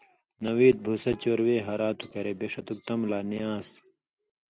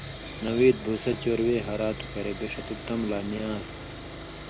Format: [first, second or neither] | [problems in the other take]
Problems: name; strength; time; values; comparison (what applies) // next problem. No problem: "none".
first | background sound (Sawing); 10 dB below the speech